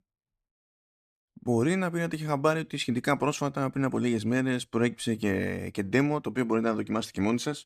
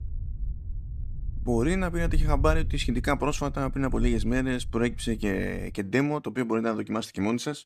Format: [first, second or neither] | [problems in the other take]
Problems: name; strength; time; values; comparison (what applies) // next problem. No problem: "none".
first | wind noise on the microphone; occasional gusts; until 6 s; 25 dB below the speech